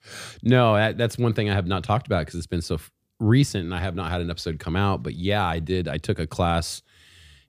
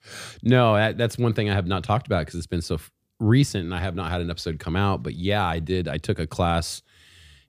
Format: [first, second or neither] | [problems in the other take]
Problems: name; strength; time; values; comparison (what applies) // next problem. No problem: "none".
neither | none